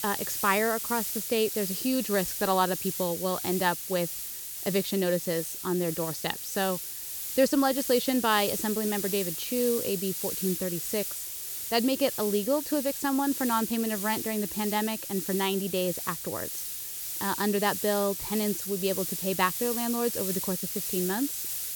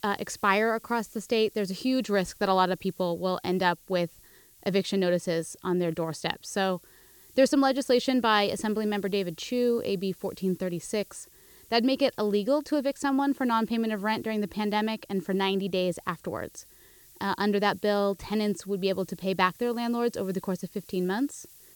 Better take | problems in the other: second | hiss; loud; throughout; 3 dB below the speech; faint in the second

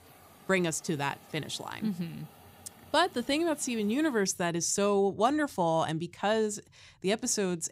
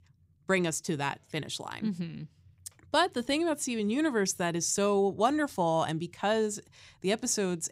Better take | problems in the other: second | hiss; faint; until 4 s; 25 dB below the speech

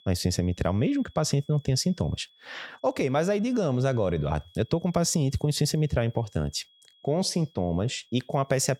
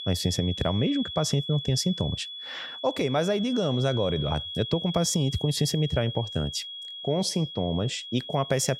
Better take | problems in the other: first | high-pitched whine; loud; throughout; 3.5 kHz, 8 dB below the speech; faint in the first

